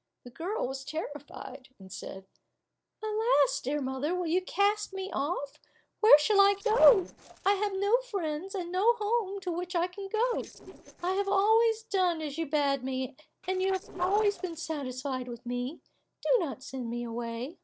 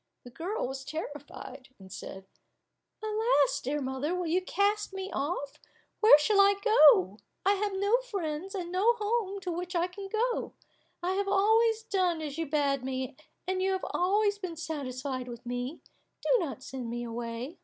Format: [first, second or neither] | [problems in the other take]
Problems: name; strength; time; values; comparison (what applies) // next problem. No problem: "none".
second | noise reduction (neural separator model SepFormer DNS4)